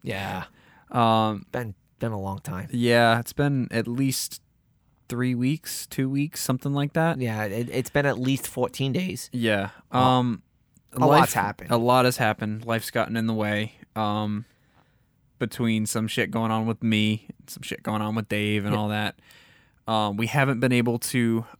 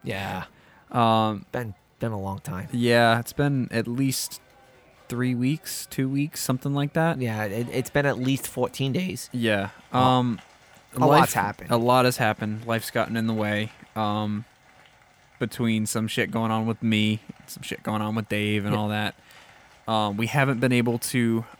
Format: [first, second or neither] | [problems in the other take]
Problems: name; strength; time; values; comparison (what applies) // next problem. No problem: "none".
first | crowd noise; faint; throughout; 30 dB below the speech